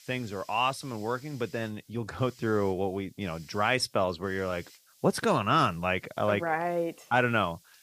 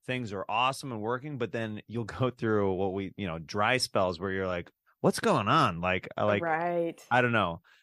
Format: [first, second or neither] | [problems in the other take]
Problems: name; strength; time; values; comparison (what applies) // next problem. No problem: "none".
second | hiss; faint; throughout; 25 dB below the speech